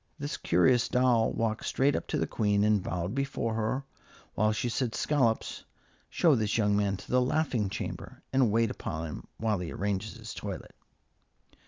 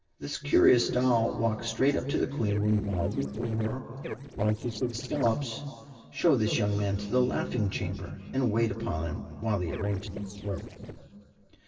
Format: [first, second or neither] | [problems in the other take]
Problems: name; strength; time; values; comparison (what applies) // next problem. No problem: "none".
first | noise reduction (neural separator model SepFormer DNS4)